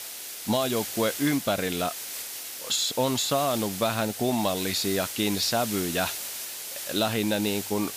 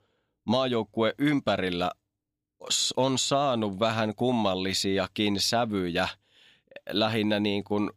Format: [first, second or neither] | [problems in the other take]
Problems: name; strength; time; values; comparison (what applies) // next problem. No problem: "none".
second | hiss; loud; throughout; 6 dB below the speech